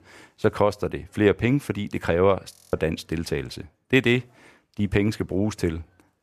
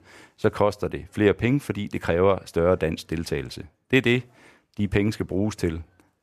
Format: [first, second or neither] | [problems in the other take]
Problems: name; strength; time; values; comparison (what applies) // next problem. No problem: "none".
second | audio freezing; at 2.5 s